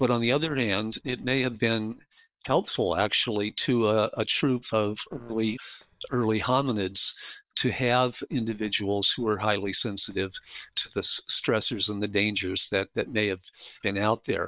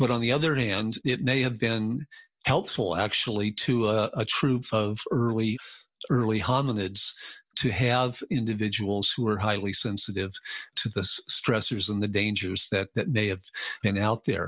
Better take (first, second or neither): second